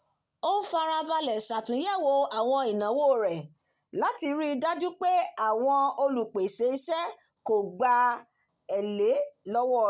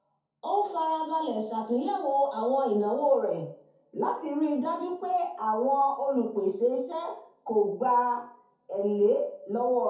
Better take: first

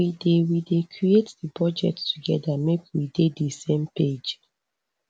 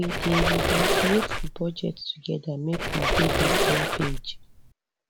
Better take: first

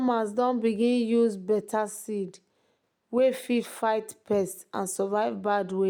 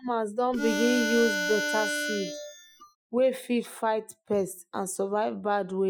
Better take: first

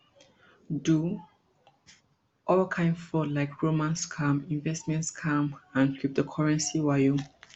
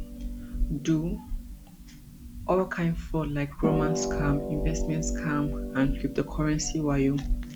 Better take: first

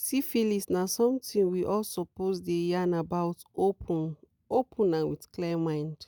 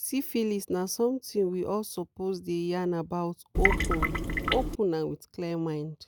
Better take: first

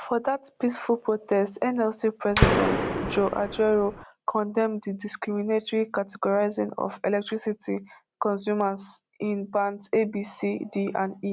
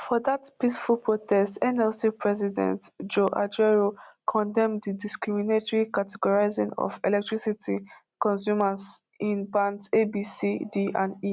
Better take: second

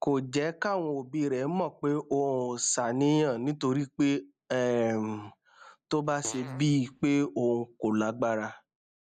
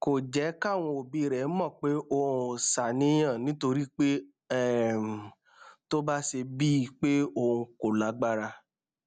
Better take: second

